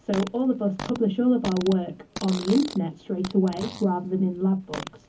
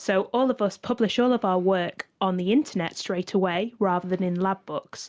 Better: second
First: background sound (Fart); 14 dB below the speech // room echo; dies away in 0.3 s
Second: none

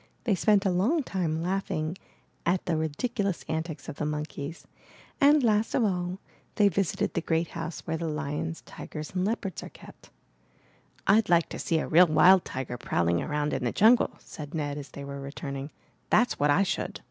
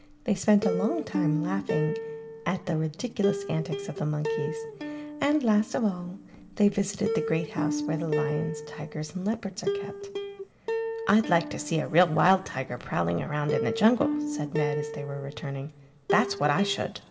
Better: first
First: none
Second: background sound (Plucked string instrument); 5 dB below the speech // room echo; dies away in 1.9 s

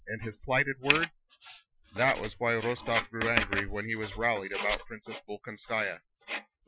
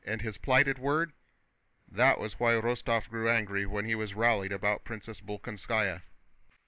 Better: second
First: noise reduction (classical method Wiener filter)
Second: none

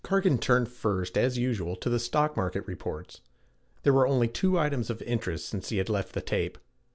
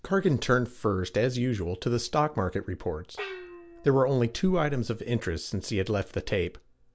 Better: first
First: none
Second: background sound (Gong); 19 dB below the speech

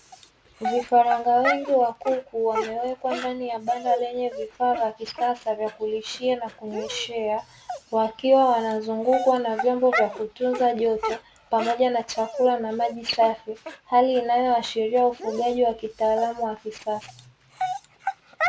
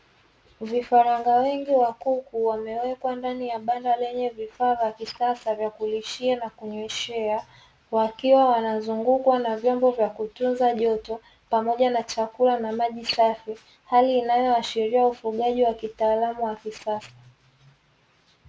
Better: second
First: background sound (Dog); 10 dB below the speech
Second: none

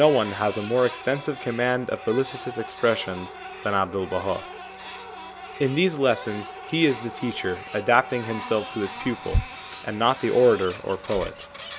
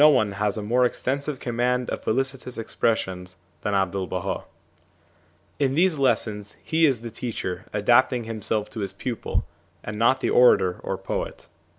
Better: second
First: background sound (Printer); 13 dB below the speech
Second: none

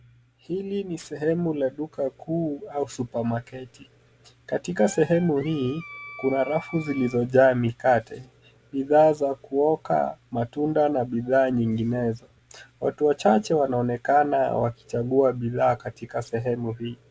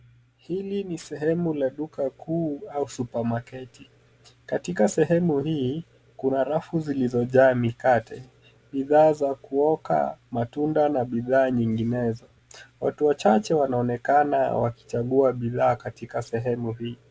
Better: second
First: background sound (Wind instrument, woodwind instrument); 17 dB below the speech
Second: none

